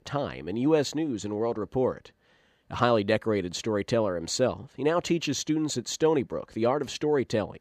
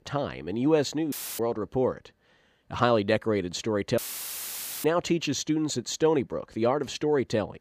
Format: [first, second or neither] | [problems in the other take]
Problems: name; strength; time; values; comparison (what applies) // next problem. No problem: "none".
first | audio cutting out; filled with static; at 1 s and at 4 s for 1 s